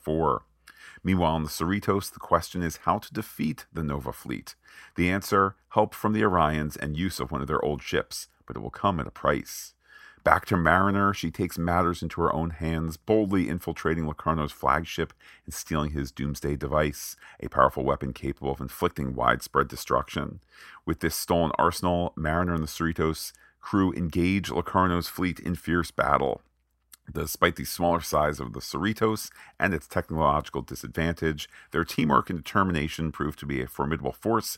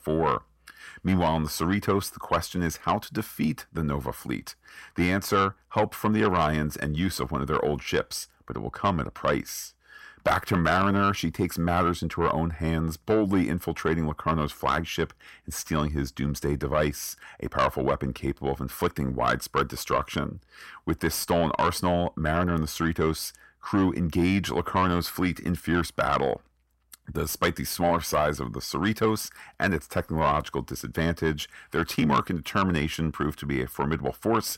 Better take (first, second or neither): first